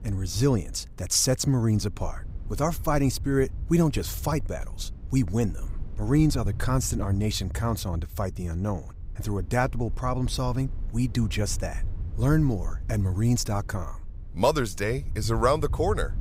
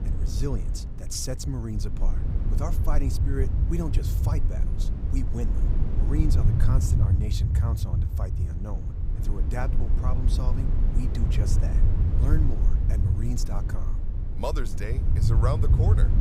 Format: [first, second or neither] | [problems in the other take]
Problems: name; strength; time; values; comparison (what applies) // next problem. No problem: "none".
first | low rumble; loud; throughout; 3 dB below the speech; faint in the first